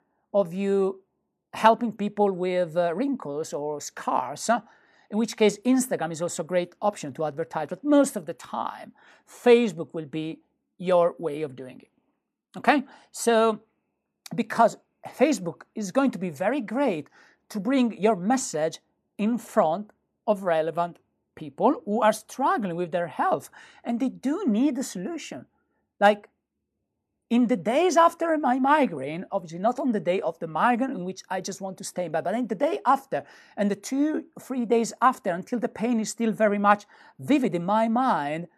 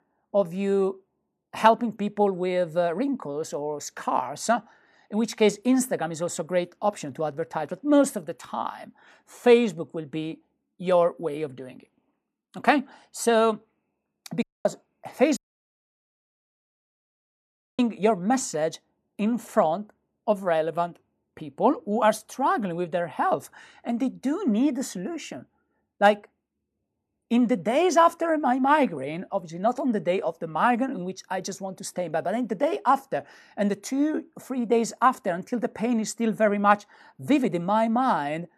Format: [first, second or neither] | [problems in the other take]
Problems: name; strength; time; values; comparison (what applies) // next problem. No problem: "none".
first | audio cutting out; at 14 s and at 15 s for 2.5 s